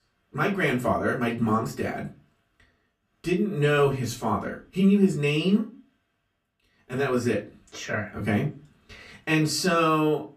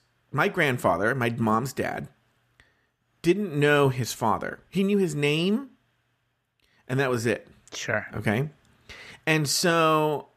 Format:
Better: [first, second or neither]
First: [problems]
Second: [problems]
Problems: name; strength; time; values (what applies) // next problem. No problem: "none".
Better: second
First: off-mic speech; far // room echo; very slight; dies away in 0.2 s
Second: none